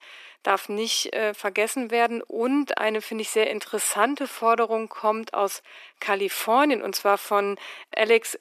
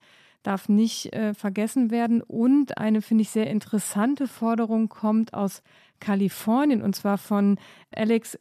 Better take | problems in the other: second | thin; very; fading below 350 Hz

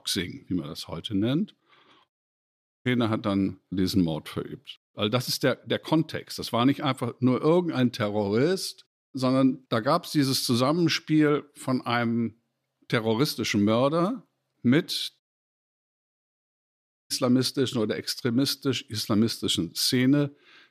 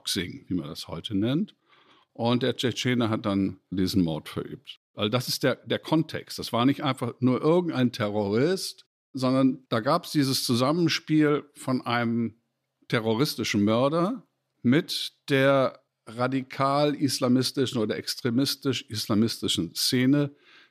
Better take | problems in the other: second | audio cutting out; at 2 s for 1 s and at 15 s for 2 s

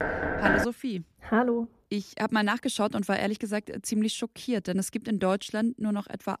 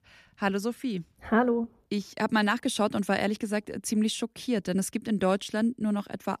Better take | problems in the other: second | door banging; loud; at the start; peak 4 dB above the speech

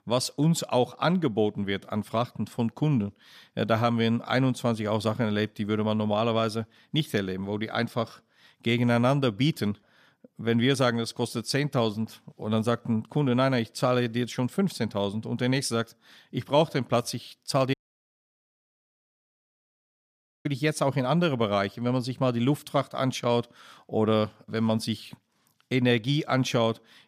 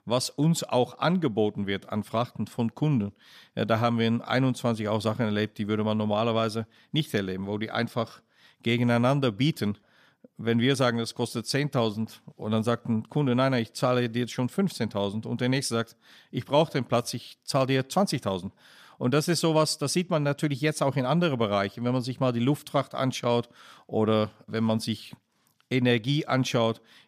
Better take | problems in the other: second | audio cutting out; at 18 s for 2.5 s

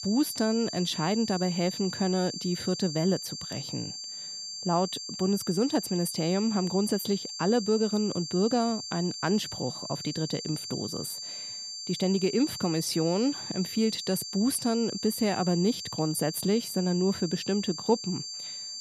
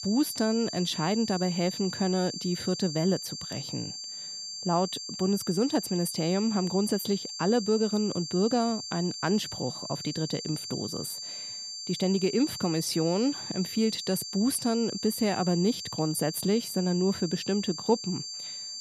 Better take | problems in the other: neither | high-pitched whine; loud; throughout; 4.5 kHz, 7 dB below the speech; the same in both

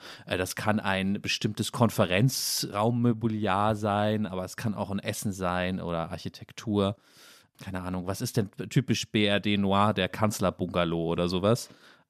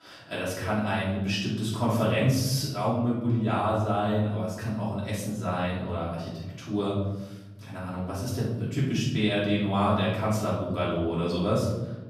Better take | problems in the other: first | off-mic speech; far // room echo; noticeable; dies away in 1.2 s

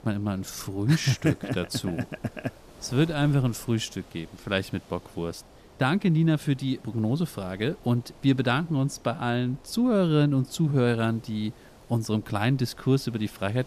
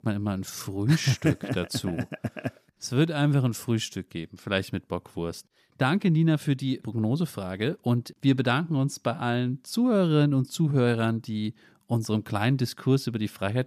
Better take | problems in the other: second | wind noise on the microphone; occasional gusts; 20 dB below the speech

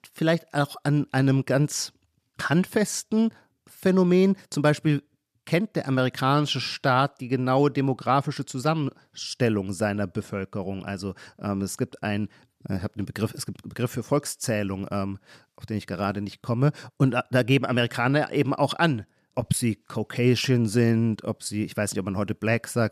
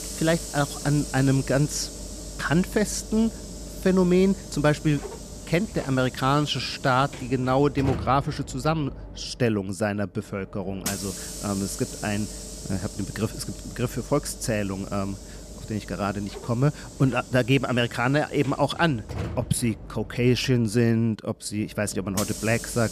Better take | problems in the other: first | hiss; noticeable; throughout; 10 dB below the speech

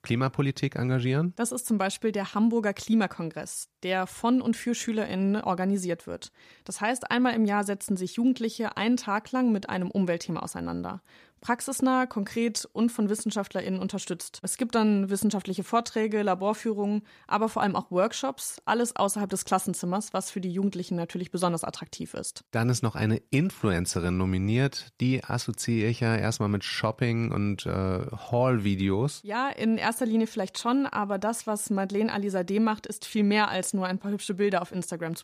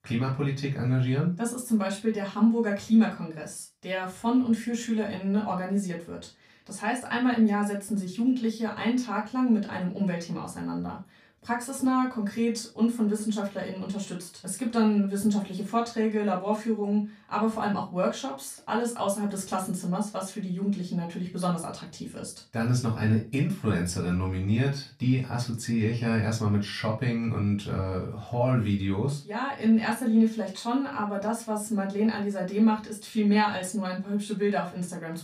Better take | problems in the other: first | off-mic speech; far // room echo; very slight; dies away in 0.2 s

